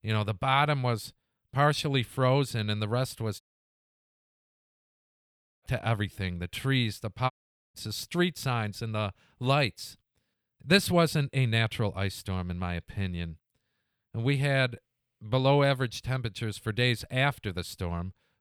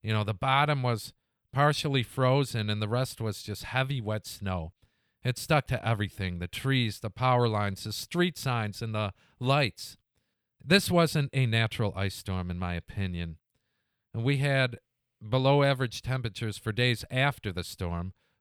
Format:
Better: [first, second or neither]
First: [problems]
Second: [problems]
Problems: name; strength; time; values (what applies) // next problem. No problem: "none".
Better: second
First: audio cutting out; at 3.5 s for 2 s and at 7.5 s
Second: none